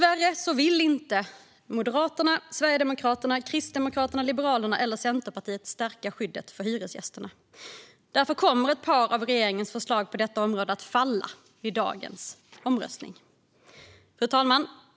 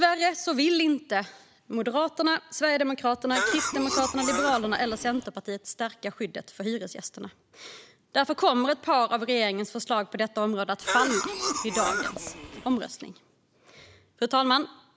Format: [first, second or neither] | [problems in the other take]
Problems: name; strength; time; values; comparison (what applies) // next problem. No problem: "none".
first | background sound (Cough); 3 dB below the speech